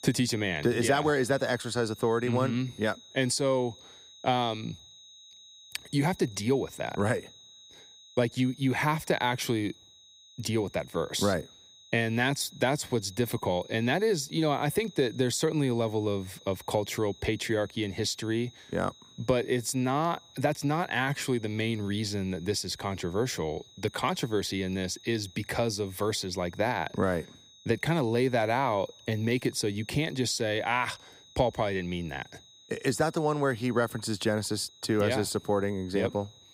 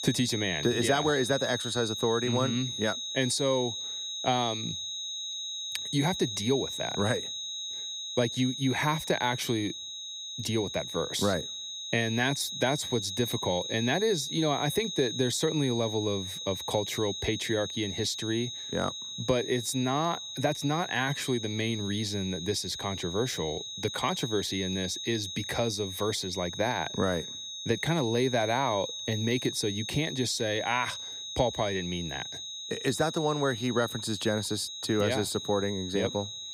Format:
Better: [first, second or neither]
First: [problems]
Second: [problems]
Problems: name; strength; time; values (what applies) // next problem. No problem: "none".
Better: first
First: high-pitched whine; faint; throughout; 4 kHz, 20 dB below the speech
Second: high-pitched whine; loud; throughout; 4 kHz, 5 dB below the speech